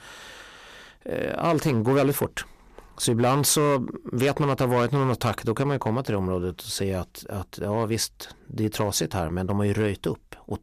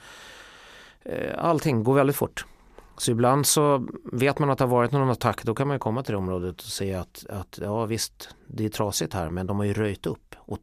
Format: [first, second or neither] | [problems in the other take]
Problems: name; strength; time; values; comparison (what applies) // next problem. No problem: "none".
second | distortion; slight; 5% of the sound clipped